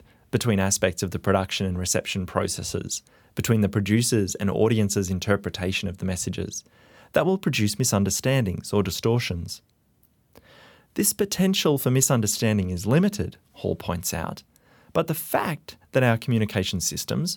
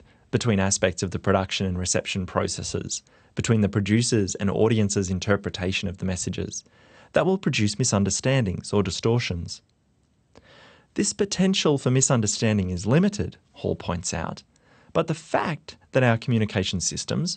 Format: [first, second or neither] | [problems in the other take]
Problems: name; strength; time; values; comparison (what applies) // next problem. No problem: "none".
first | garbled, watery; slightly; nothing above 8.5 kHz